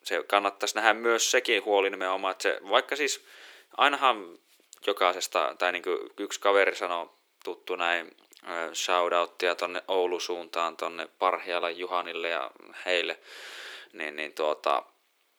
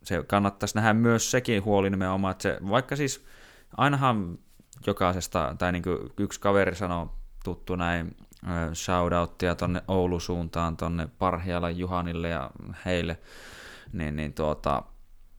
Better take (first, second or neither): second